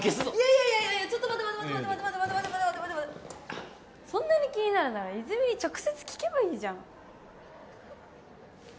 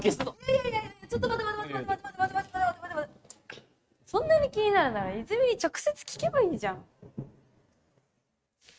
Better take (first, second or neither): first